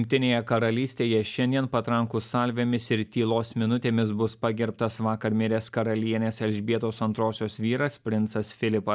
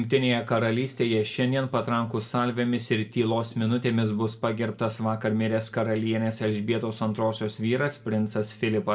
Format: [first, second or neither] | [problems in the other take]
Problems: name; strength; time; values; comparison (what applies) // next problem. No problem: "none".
first | room echo; dies away in 0.4 s